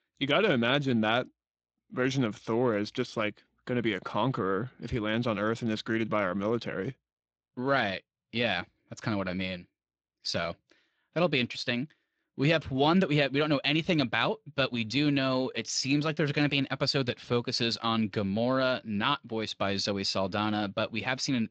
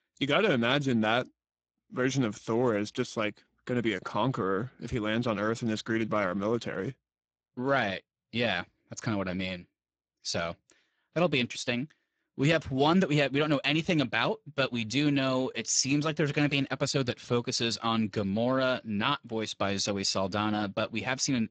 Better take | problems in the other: first | garbled, watery; badly; nothing above 7.5 kHz; slightly in the first

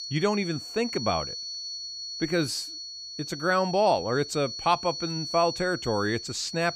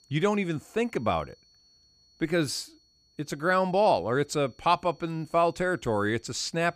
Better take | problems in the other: second | high-pitched whine; loud; throughout; 4.5 kHz, 7 dB below the speech; faint in the second

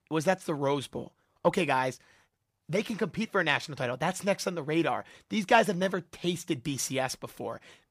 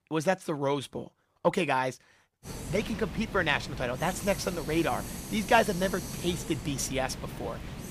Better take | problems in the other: first | hiss; loud; from 2.5 s on; 10 dB below the speech

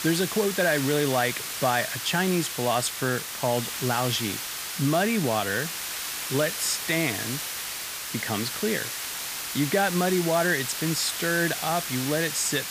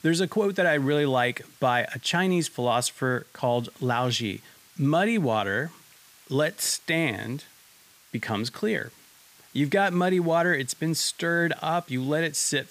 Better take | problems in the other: second | hiss; loud; throughout; 4 dB below the speech; faint in the second

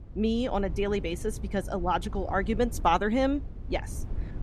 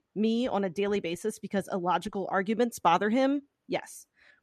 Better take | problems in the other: second | low rumble; faint; throughout; 20 dB below the speech

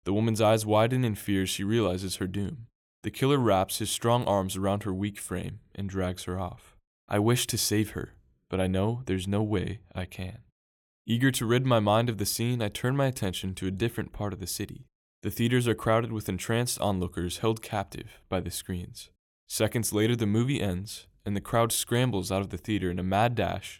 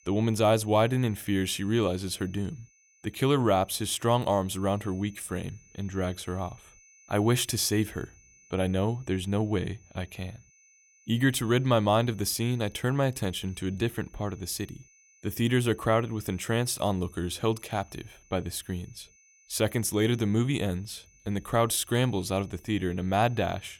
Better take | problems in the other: first | high-pitched whine; faint; throughout; 6 kHz, 30 dB below the speech

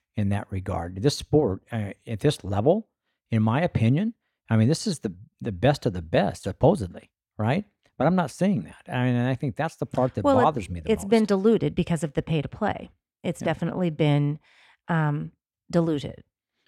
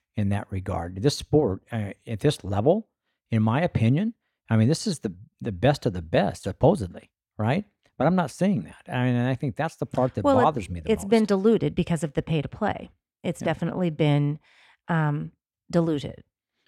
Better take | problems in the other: neither | none

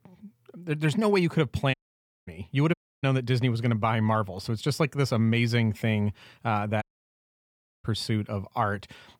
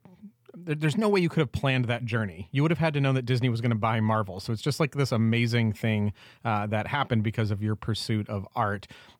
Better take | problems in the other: second | audio cutting out; at 1.5 s for 0.5 s, at 2.5 s and at 7 s for 1 s

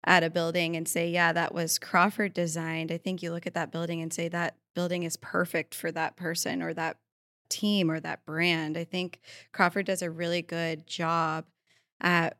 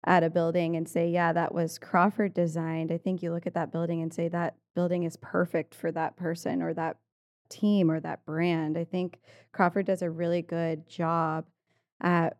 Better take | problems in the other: first | muffled; slightly; fading above 1.5 kHz

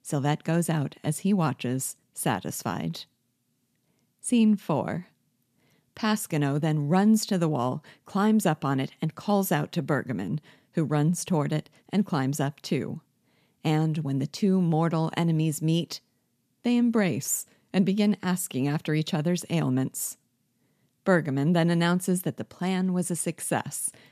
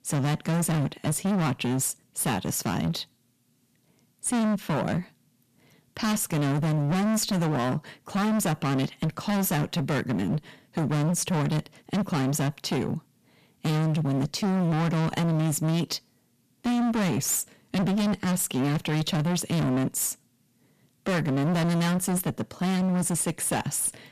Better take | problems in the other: first | distortion; heavy; 30% of the sound clipped

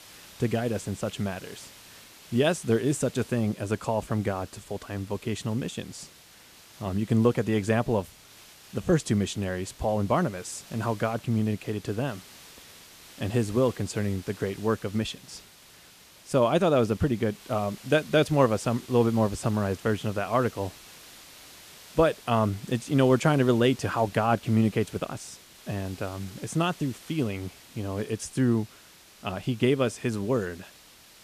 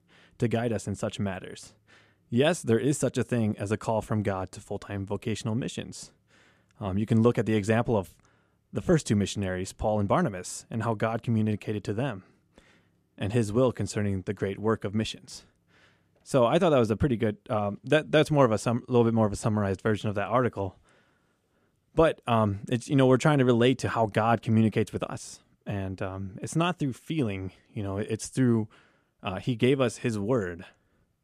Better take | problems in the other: second | hiss; faint; throughout; 20 dB below the speech

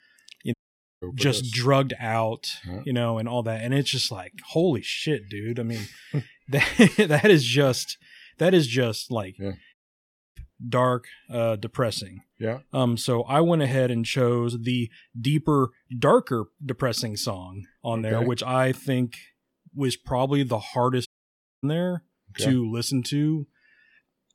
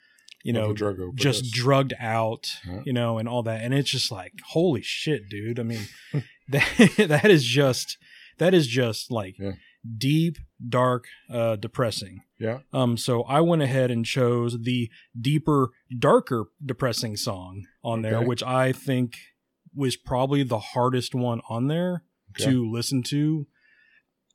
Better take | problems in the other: second | audio cutting out; at 0.5 s, at 9.5 s for 0.5 s and at 21 s for 0.5 s

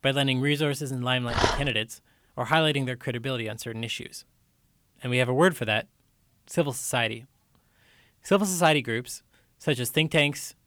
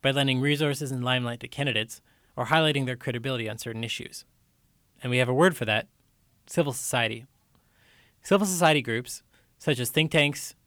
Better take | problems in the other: second | dog barking; loud; at 1.5 s; peak level with the speech

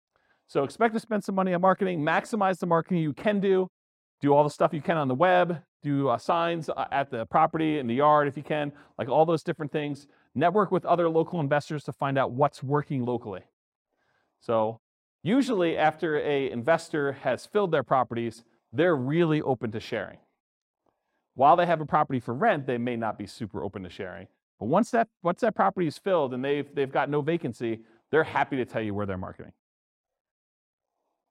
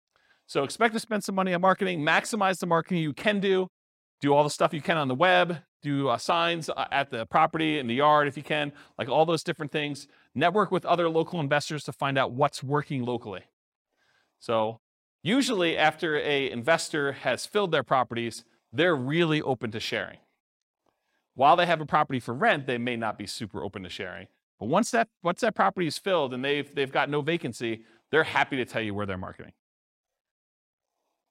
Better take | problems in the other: second | muffled; slightly; fading above 1.5 kHz

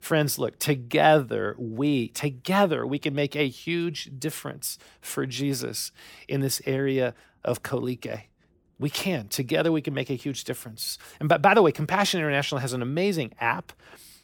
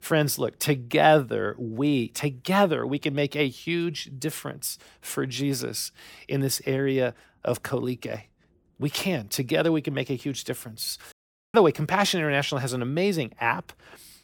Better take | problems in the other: first | audio cutting out; at 11 s

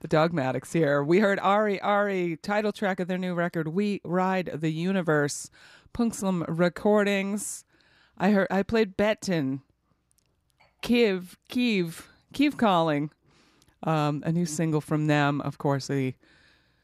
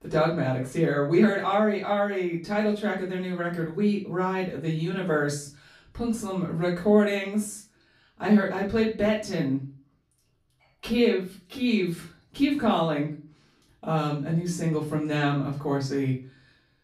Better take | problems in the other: first | room echo; slight; dies away in 0.3 s // off-mic speech; far

